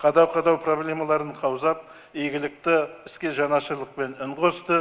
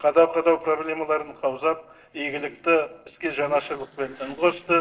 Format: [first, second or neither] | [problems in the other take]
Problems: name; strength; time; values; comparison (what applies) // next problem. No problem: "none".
first | noise reduction (neural separator model SepFormer DNS4)